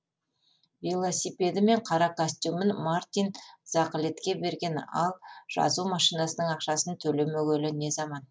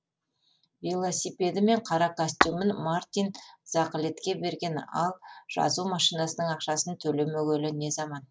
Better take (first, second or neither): first